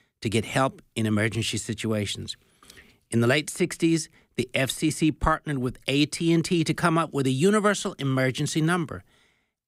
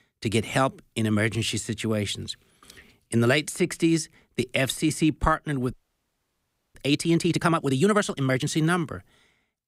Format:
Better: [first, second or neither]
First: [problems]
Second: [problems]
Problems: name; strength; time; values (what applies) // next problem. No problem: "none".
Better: first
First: none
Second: audio freezing; at 5.5 s for 1 s